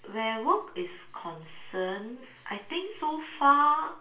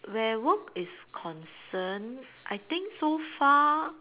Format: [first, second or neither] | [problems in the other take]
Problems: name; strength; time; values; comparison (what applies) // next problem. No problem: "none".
second | room echo; dies away in 0.3 s